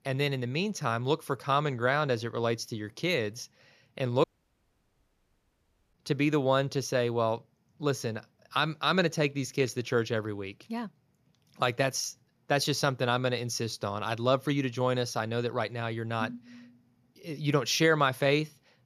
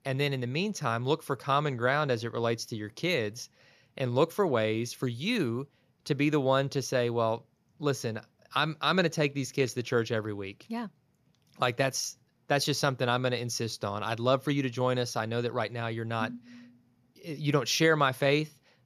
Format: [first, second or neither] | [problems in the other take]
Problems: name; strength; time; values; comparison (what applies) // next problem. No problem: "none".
second | audio cutting out; at 4 s for 1.5 s